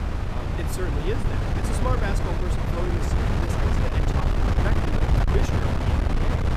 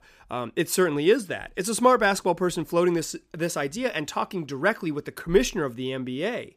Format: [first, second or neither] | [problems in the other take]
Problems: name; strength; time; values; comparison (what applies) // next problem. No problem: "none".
second | wind noise on the microphone; heavy; 4 dB above the speech